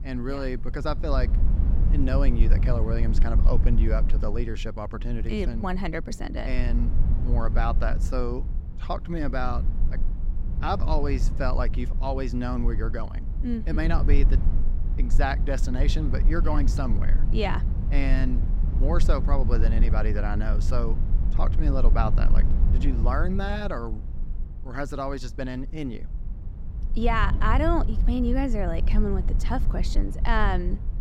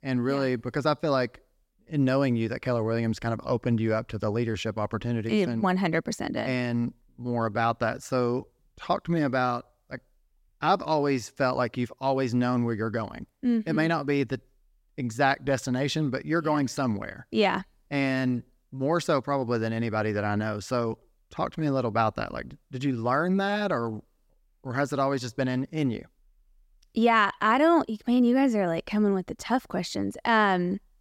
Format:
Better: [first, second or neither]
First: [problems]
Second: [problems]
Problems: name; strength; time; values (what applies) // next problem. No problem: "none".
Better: second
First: low rumble; noticeable; throughout; 10 dB below the speech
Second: none